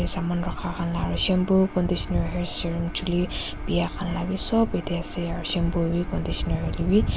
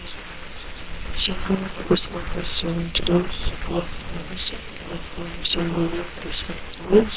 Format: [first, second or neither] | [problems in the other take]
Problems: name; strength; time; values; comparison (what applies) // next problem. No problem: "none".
first | noise reduction (neural separator model SepFormer WHAMR!)